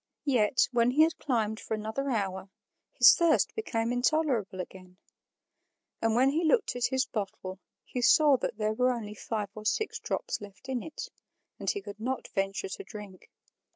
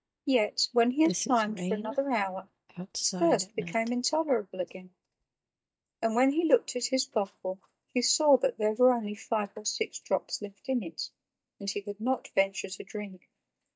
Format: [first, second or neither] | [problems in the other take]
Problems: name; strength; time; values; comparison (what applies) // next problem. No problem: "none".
first | noise reduction (neural mask model DeepFilterNet 3)